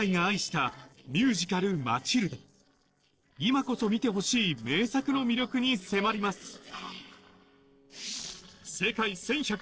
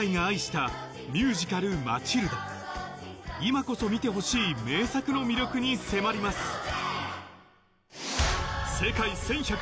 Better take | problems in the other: second | noise reduction (neural separator model SepFormer DNS4)

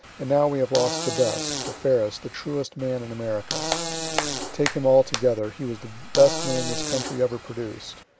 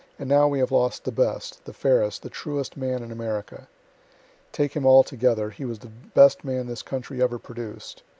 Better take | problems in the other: second | background sound (Hands + Fart); 7 dB below the speech

